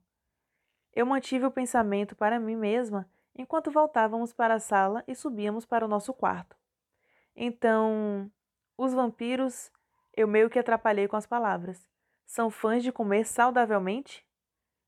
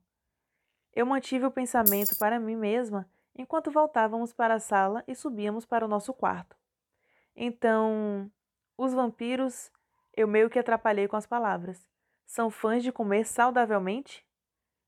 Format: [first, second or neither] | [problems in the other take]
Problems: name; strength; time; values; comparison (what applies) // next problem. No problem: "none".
first | jangling keys; loud; at 2 s; peak 5 dB above the speech